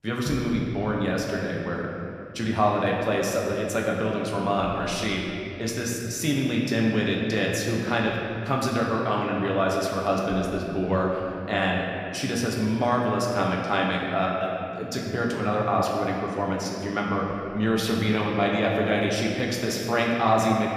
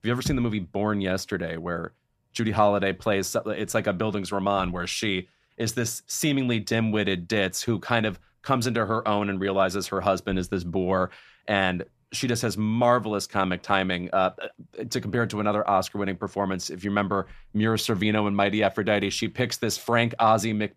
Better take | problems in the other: second | room echo; noticeable; dies away in 2.4 s // off-mic speech; somewhat distant

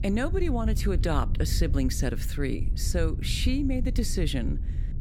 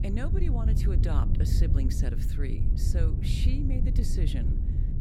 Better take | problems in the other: first | wind noise on the microphone; heavy; 2 dB below the speech; occasional gusts in the first

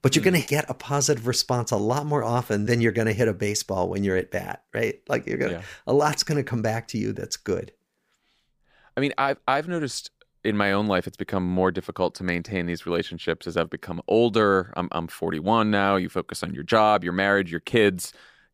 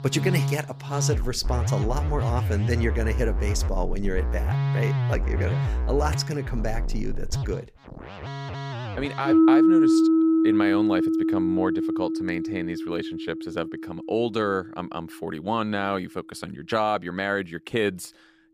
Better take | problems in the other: first | background music; very loud; throughout; 5 dB above the speech

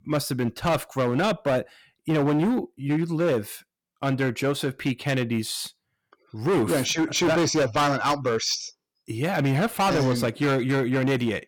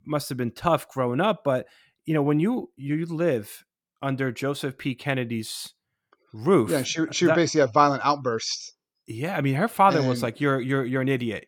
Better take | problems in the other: second | distortion; heavy; 14% of the sound clipped

